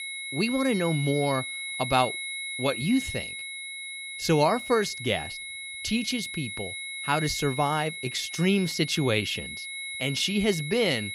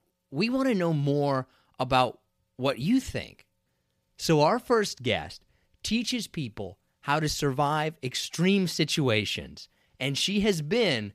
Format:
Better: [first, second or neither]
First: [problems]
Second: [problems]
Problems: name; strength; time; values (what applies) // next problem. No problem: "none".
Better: second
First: high-pitched whine; loud; throughout; 2 kHz, 7 dB below the speech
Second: none